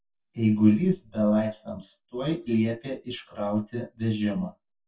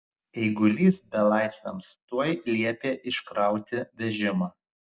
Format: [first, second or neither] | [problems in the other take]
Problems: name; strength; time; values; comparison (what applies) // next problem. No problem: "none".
second | room echo; dies away in 0.1 s